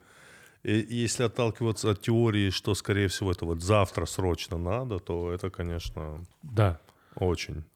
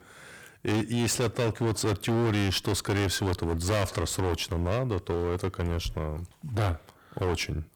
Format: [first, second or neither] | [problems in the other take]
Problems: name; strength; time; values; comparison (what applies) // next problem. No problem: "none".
first | distortion; heavy; 22% of the sound clipped